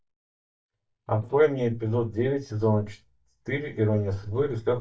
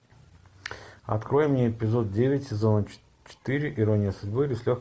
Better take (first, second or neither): second